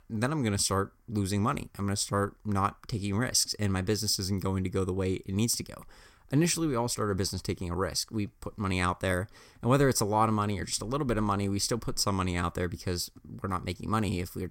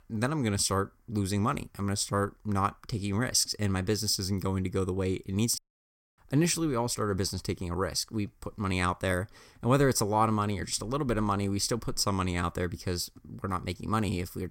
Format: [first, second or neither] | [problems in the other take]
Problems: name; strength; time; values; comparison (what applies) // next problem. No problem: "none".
first | audio cutting out; at 5.5 s for 0.5 s